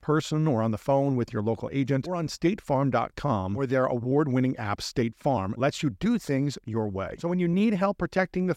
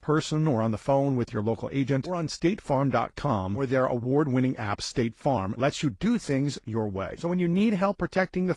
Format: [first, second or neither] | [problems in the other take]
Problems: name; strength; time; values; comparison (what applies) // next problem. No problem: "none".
first | garbled, watery; slightly